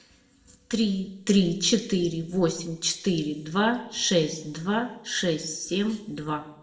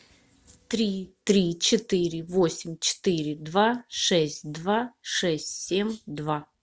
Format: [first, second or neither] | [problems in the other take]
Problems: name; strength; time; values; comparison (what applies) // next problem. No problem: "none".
second | room echo; dies away in 0.9 s